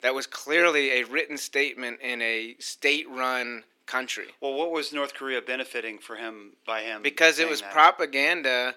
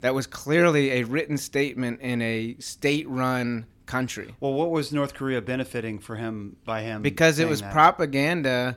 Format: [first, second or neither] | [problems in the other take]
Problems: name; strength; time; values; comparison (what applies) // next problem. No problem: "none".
second | thin; somewhat; fading below 350 Hz